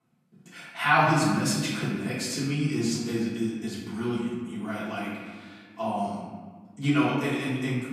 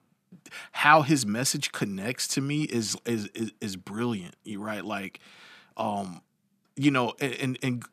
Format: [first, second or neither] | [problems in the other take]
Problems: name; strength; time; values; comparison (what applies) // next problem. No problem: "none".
second | off-mic speech; far // room echo; noticeable; dies away in 1.4 s